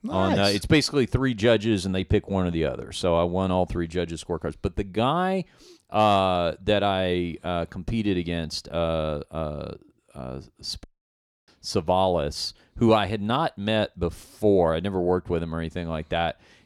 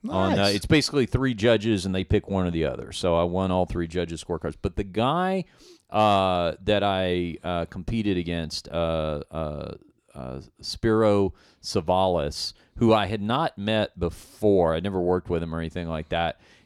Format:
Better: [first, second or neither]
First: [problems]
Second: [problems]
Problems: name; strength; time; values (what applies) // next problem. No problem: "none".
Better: second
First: audio cutting out; at 11 s for 0.5 s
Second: none